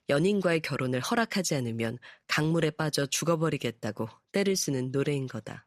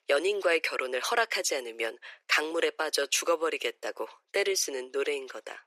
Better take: first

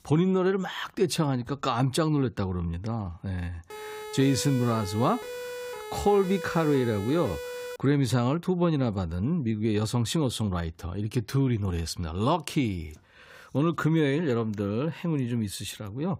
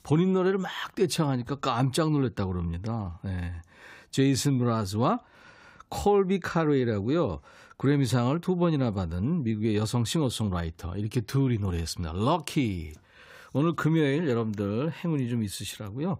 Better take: second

